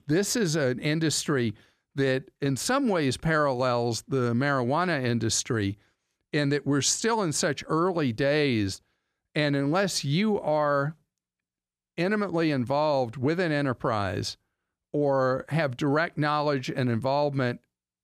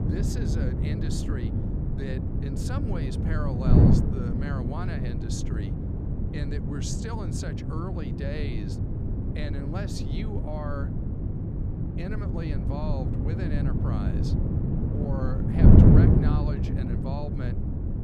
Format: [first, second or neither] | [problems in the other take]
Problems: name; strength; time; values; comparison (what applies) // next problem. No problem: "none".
first | wind noise on the microphone; heavy; 4 dB above the speech